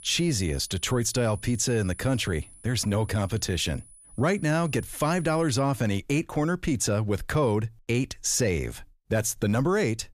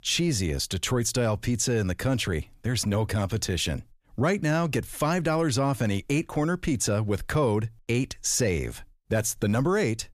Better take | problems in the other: second | high-pitched whine; noticeable; until 5.5 s; 10 kHz, 20 dB below the speech

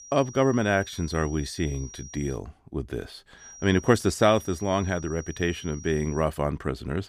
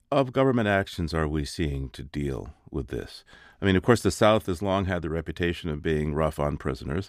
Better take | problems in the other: second | high-pitched whine; noticeable; until 2.5 s and from 3.5 to 6 s; 5.5 kHz, 15 dB below the speech

